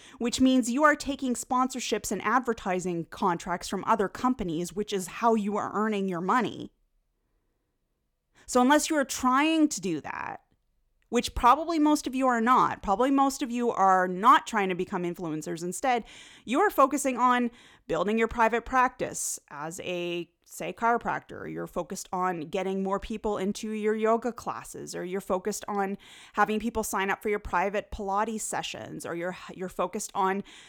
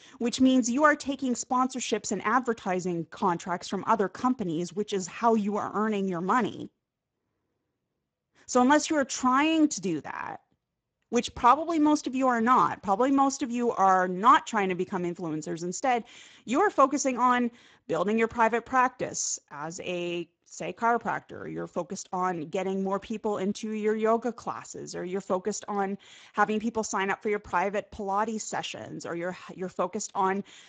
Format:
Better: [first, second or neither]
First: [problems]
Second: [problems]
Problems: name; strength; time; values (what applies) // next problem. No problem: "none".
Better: first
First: none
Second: garbled, watery; badly; nothing above 7.5 kHz